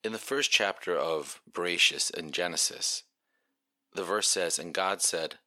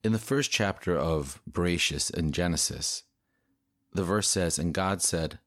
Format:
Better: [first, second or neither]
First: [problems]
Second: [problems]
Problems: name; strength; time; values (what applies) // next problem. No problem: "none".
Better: second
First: thin; very; fading below 500 Hz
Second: none